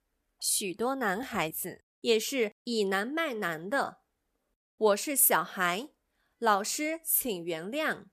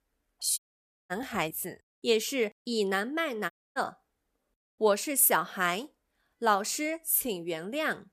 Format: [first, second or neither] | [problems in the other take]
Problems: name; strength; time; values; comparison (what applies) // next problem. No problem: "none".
first | audio cutting out; at 0.5 s for 0.5 s and at 3.5 s